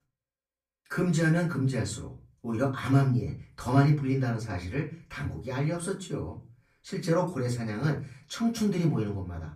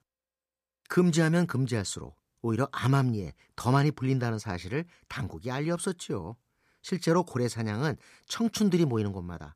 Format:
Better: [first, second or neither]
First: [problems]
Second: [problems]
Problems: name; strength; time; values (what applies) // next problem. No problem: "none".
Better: second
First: off-mic speech; far // room echo; very slight; dies away in 0.3 s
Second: none